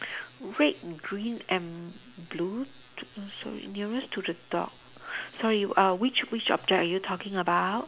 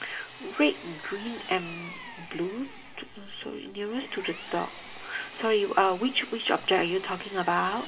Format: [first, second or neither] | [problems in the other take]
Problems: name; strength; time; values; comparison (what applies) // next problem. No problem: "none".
first | background sound (Power tool); 15 dB below the speech // room echo; dies away in 2.1 s